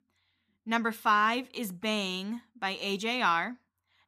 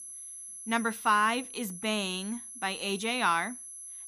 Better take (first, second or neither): first